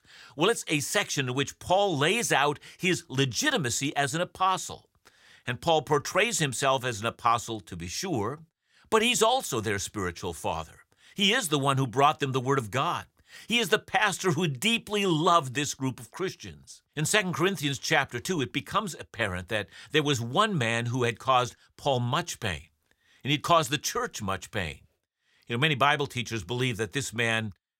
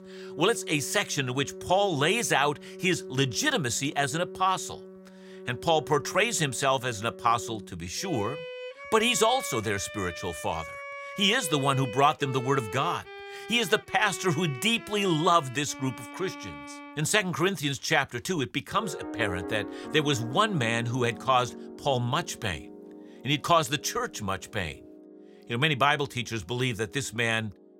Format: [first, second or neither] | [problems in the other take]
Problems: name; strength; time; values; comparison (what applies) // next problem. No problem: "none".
first | background music; noticeable; throughout; 15 dB below the speech